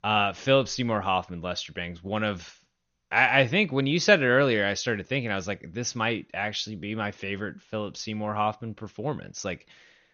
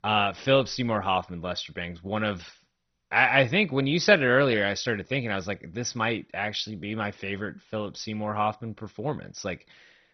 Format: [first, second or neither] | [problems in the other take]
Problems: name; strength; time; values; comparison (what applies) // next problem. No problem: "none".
first | garbled, watery; badly; nothing above 6 kHz; slightly in the first